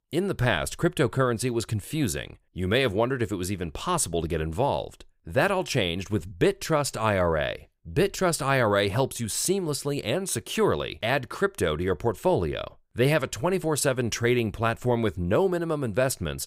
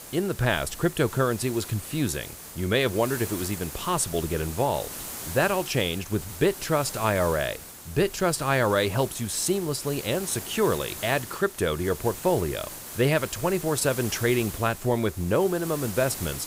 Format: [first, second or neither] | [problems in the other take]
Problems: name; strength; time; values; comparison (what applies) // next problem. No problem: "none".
first | hiss; noticeable; throughout; 10 dB below the speech